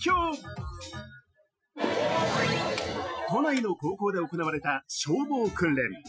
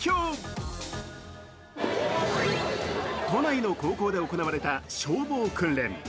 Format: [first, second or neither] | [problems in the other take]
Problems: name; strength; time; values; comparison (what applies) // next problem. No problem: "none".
second | noise reduction (classical method Wiener filter)